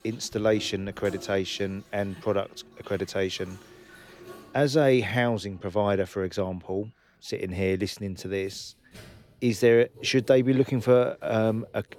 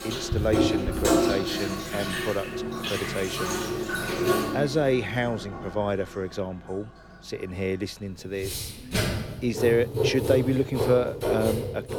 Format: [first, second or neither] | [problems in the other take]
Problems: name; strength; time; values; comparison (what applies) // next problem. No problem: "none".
first | household noises; loud; throughout; as loud as the speech; faint in the first